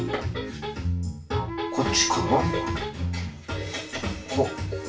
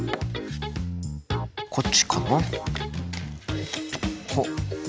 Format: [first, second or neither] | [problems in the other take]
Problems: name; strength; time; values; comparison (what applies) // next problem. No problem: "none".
second | background sound (Wind instrument, woodwind instrument); 7 dB below the speech // room echo; dies away in 0.3 s